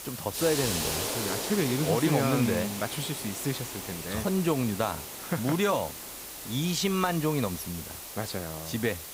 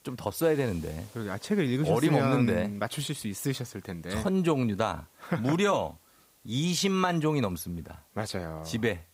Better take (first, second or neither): second